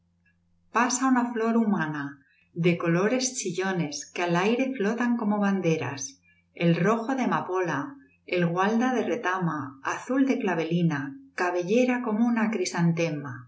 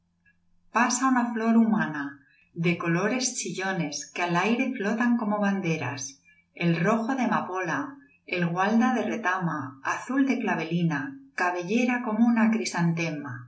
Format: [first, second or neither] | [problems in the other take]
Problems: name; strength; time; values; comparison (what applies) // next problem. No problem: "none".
first | room echo; dies away in 0.2 s